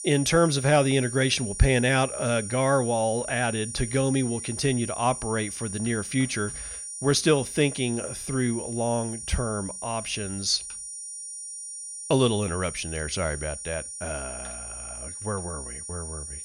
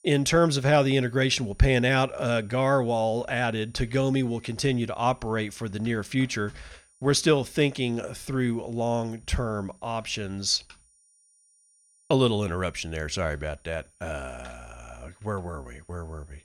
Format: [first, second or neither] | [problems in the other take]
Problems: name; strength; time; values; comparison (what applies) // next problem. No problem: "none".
second | high-pitched whine; loud; throughout; 9.5 kHz, 8 dB below the speech; faint in the second